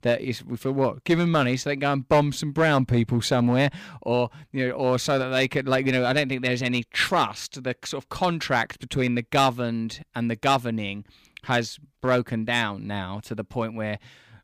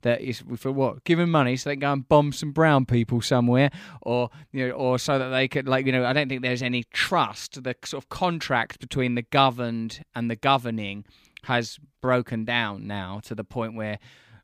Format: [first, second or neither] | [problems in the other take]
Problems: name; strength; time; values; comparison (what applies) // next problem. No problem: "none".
second | distortion; slight; 3% of the sound clipped